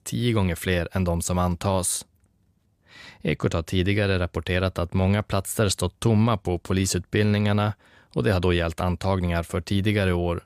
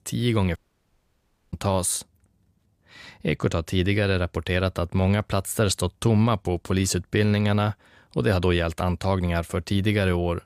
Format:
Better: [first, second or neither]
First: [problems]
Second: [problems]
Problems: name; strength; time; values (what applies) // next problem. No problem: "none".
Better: first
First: none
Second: audio cutting out; at 0.5 s for 1 s